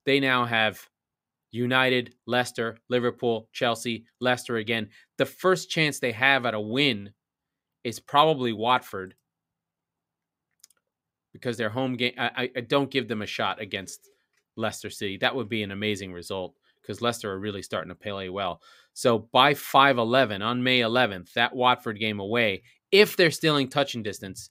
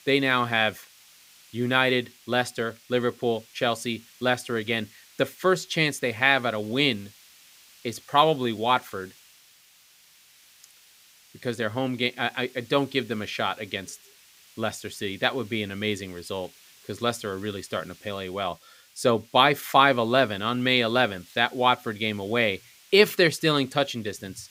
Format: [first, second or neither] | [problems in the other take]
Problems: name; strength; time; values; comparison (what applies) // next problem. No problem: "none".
first | hiss; faint; throughout; 25 dB below the speech